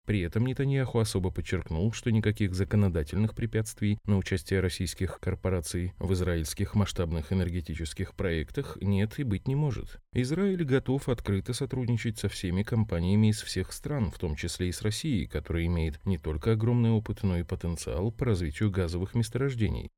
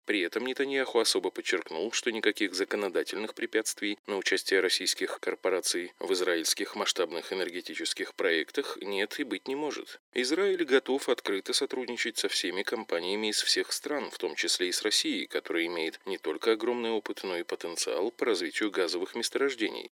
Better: first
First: none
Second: thin; very; fading below 300 Hz

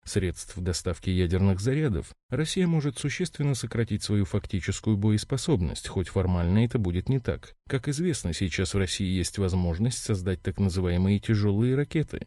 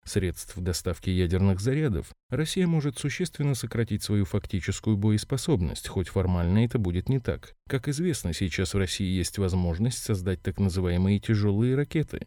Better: second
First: garbled, watery; slightly; nothing above 10.5 kHz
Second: none

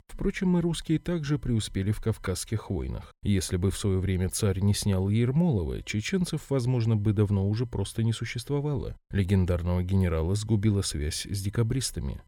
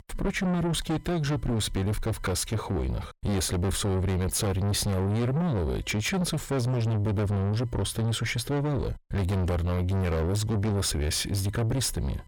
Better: first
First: none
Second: distortion; heavy; 5 dB below the speech

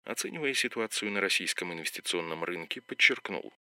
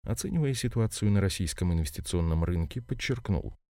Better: second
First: thin; very; fading below 300 Hz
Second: none

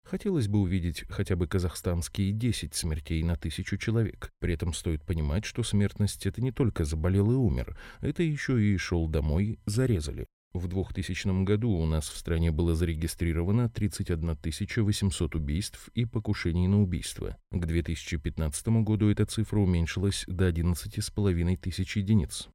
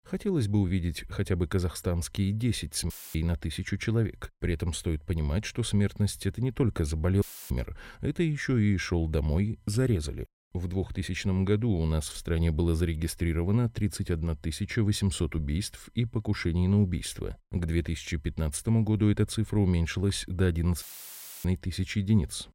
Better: first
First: none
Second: audio cutting out; filled with static; at 3 s, at 7 s and at 21 s for 0.5 s

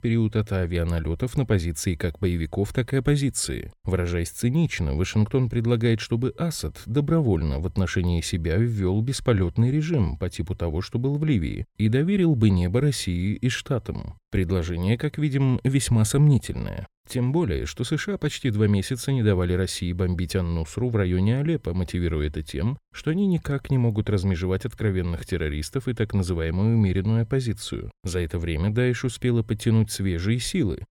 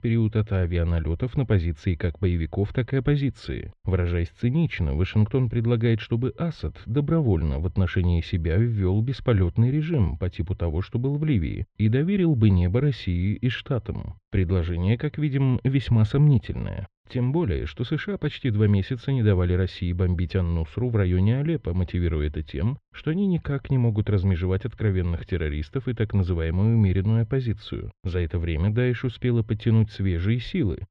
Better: first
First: none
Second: muffled; slightly; fading above 3.5 kHz

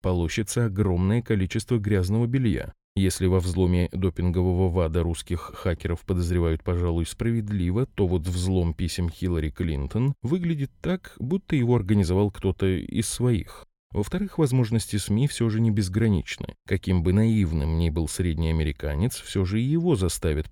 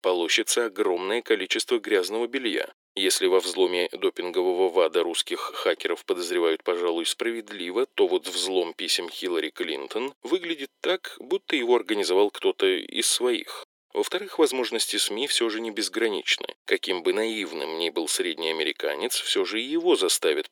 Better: first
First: none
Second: thin; very; fading below 350 Hz

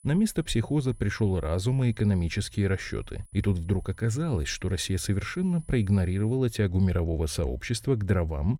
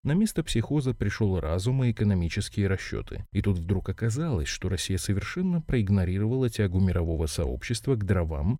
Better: second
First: high-pitched whine; faint; until 6.5 s; 10 kHz, 30 dB below the speech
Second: none

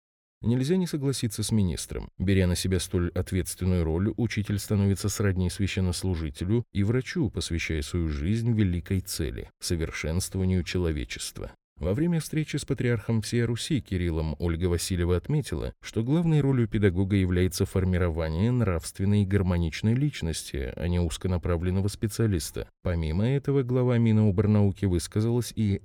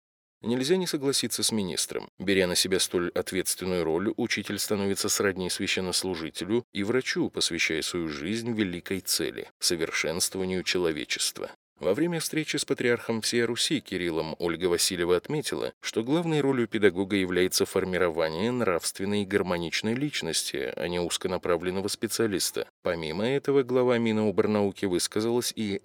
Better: first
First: none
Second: thin; somewhat; fading below 350 Hz

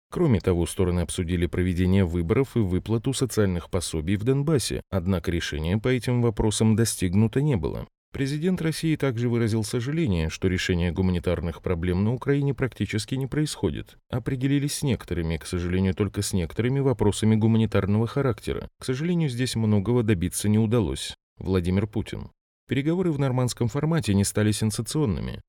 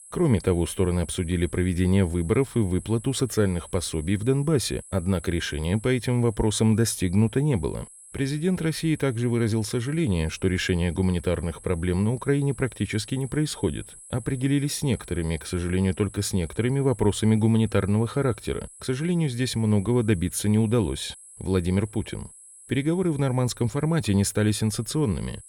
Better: first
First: none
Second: high-pitched whine; noticeable; throughout; 10.5 kHz, 20 dB below the speech

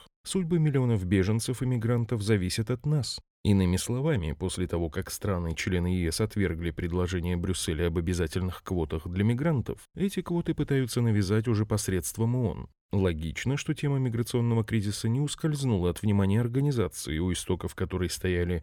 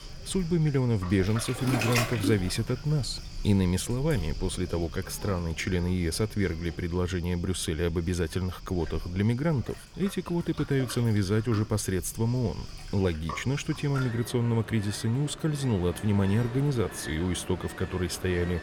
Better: first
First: none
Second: rain or running water; noticeable; throughout; 10 dB below the speech

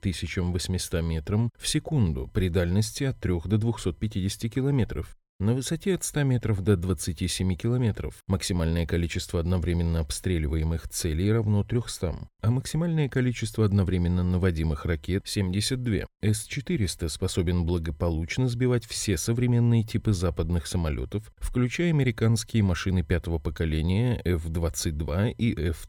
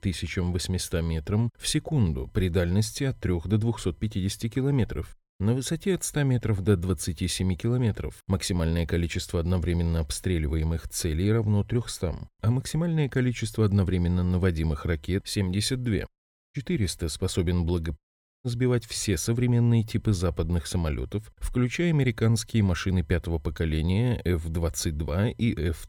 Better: first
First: none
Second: audio cutting out; at 16 s and at 18 s

